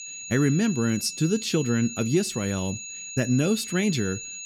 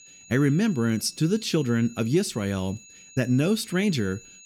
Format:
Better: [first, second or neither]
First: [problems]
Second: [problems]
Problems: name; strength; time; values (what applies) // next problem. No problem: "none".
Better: second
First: high-pitched whine; loud; throughout; 6.5 kHz, 9 dB below the speech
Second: high-pitched whine; faint; throughout; 6.5 kHz, 20 dB below the speech